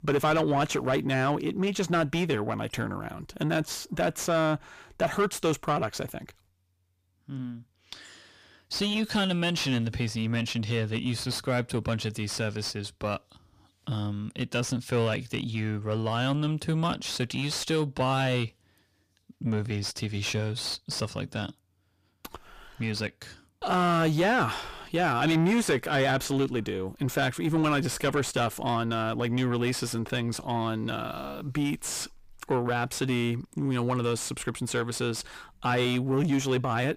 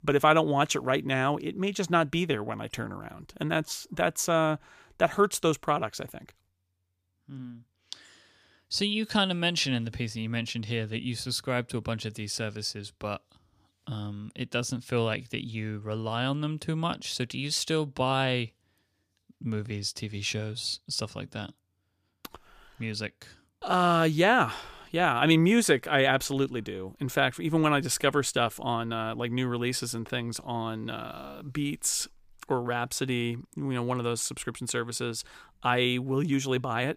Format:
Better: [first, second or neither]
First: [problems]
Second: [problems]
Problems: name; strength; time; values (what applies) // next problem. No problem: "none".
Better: second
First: distortion; heavy; 8 dB below the speech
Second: none